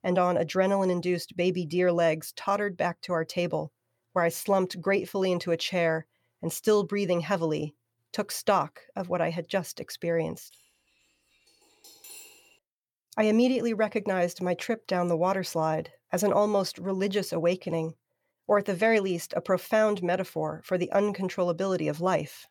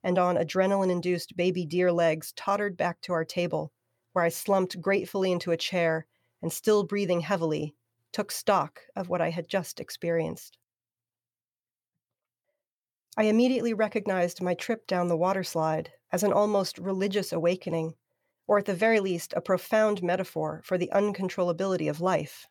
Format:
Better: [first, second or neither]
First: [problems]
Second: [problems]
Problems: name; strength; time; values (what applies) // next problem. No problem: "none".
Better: second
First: clattering dishes; faint; from 11 to 13 s; peak 15 dB below the speech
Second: none